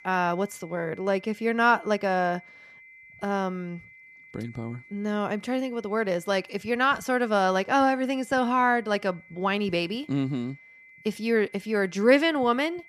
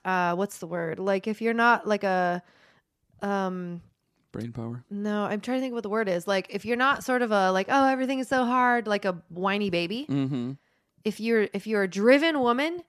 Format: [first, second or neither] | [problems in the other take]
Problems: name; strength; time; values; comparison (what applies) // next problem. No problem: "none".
second | high-pitched whine; faint; throughout; 2 kHz, 25 dB below the speech